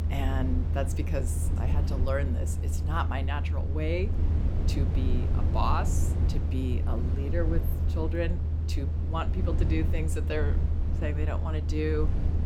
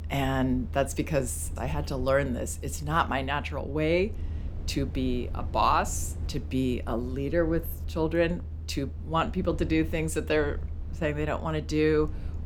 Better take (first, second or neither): second